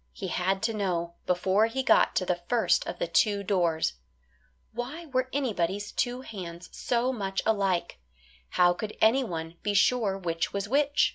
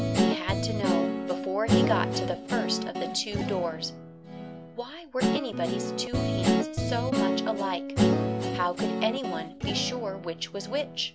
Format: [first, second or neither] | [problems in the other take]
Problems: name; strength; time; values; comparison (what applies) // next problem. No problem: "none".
first | background sound (Guitar); 4 dB above the speech